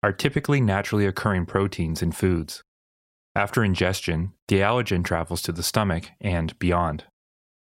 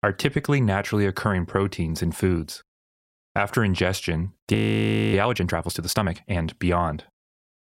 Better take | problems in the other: first | audio freezing; at 4.5 s for 0.5 s

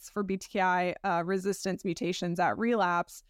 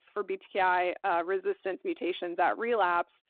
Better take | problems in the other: first | phone-call audio

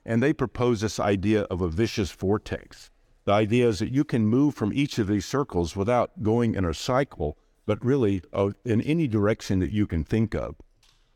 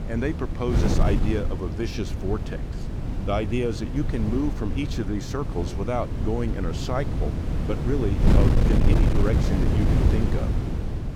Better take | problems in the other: first | wind noise on the microphone; heavy; 3 dB below the speech

